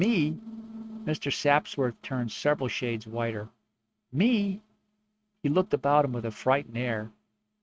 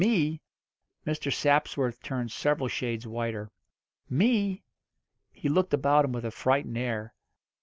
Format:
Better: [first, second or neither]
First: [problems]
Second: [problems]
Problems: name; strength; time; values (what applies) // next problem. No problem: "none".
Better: second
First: noise reduction (neural mask model RNNoise)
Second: none